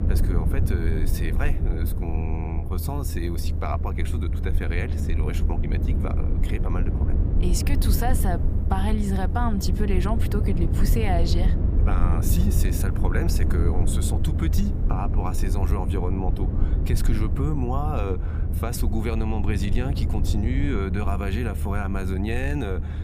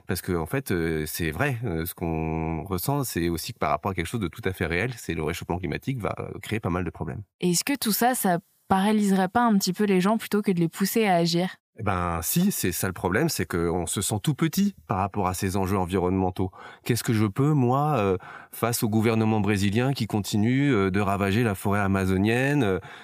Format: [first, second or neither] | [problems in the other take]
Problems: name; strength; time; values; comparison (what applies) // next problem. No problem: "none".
second | low rumble; loud; throughout; 6 dB below the speech